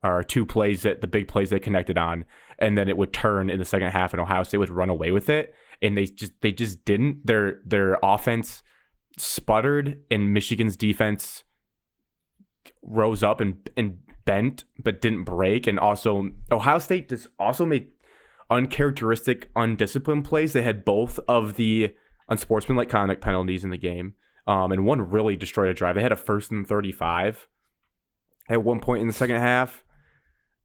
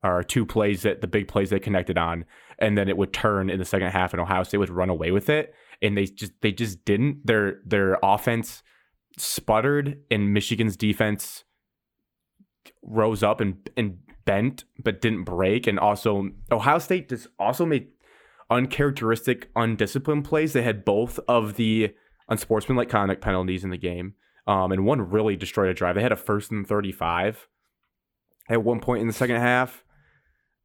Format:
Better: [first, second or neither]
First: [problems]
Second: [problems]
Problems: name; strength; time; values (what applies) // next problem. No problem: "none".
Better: second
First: garbled, watery; slightly; nothing above 19 kHz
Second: none